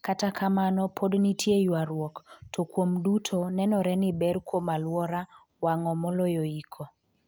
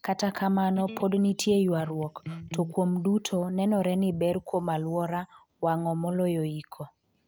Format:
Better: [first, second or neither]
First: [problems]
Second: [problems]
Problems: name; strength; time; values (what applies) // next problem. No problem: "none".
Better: first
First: none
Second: background sound (Electric guitar); 13 dB below the speech